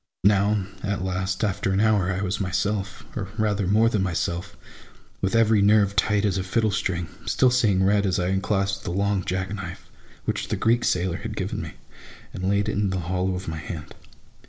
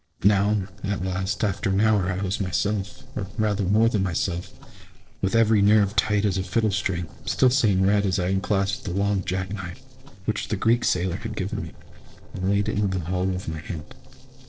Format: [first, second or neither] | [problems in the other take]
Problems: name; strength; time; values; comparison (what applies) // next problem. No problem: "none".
first | noise reduction (neural separator model SepFormer DNS4)